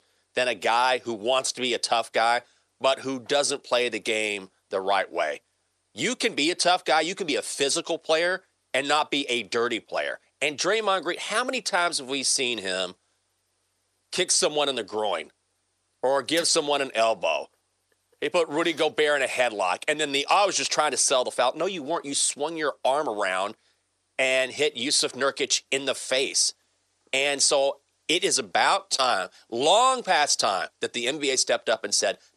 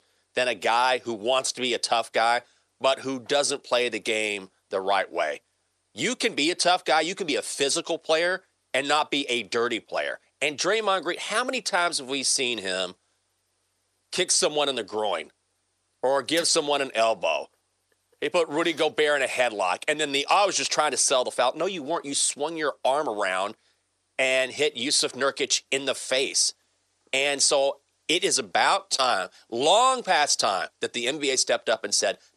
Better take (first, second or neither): neither